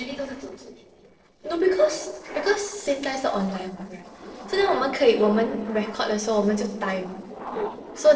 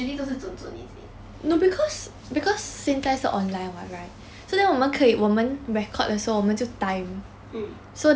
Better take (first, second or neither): second